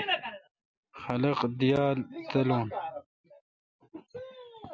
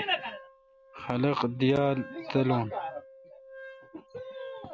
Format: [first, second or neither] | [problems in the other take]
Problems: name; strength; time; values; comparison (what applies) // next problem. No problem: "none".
first | background sound (Wind instrument, woodwind instrument); 17 dB below the speech